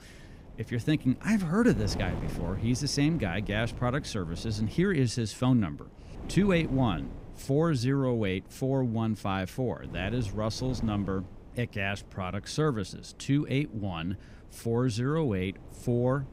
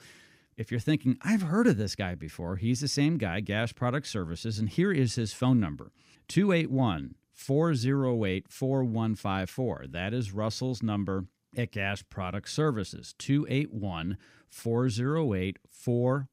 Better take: second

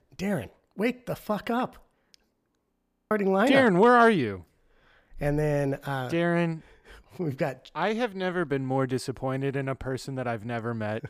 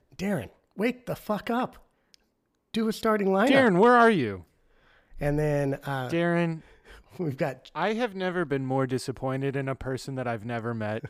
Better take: second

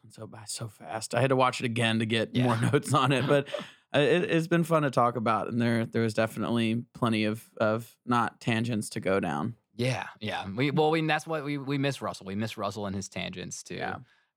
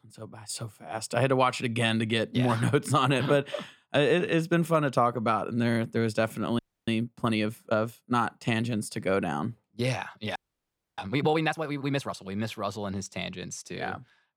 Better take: first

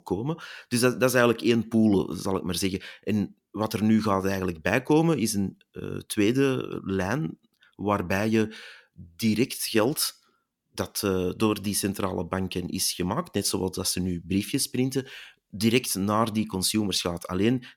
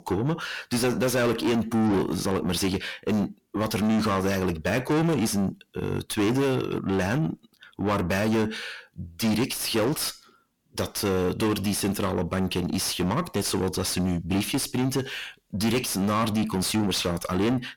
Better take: first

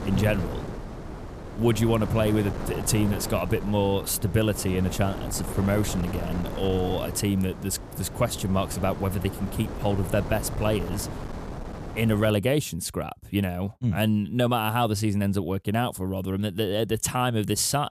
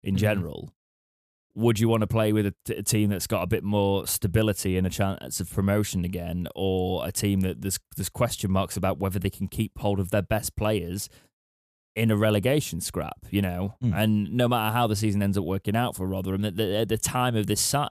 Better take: second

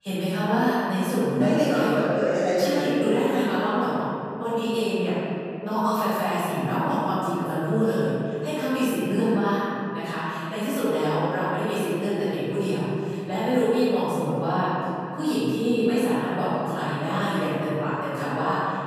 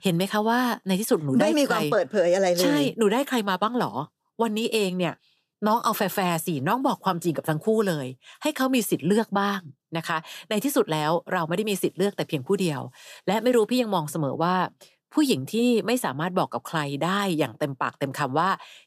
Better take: second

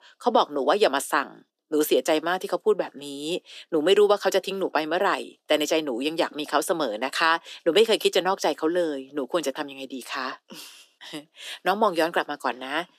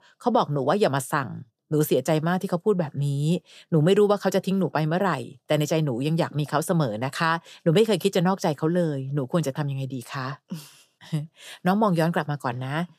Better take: second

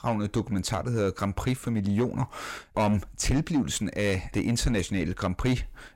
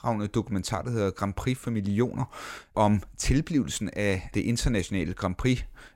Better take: second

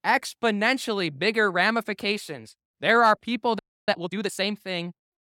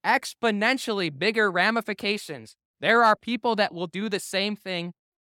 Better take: second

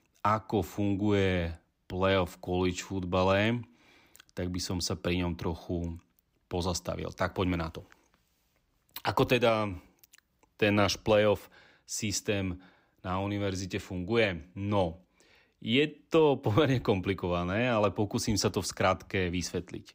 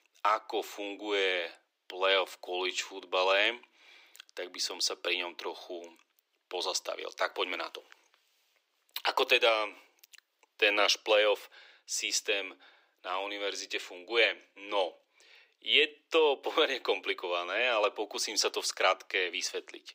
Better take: first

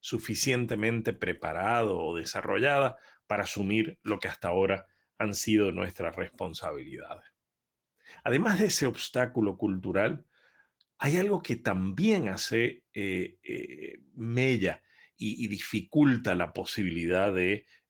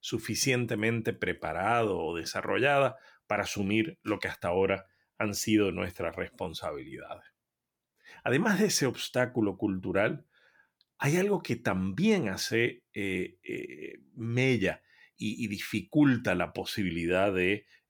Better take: second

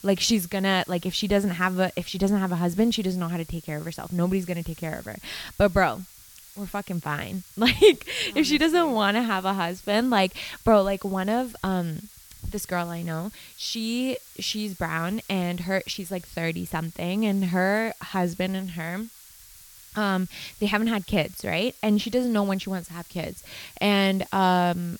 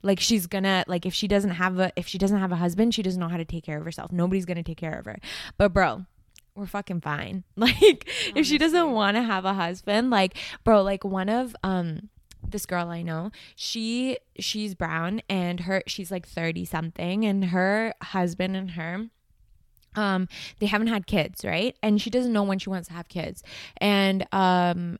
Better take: second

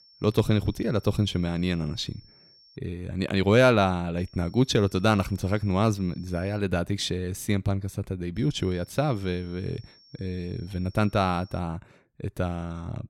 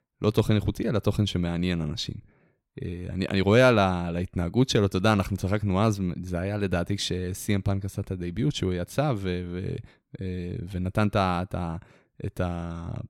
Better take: second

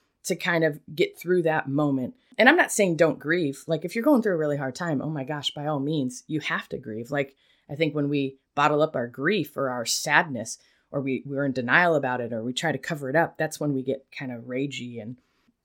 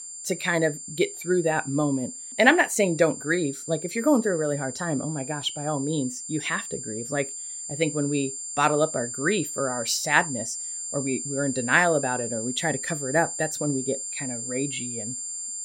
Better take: first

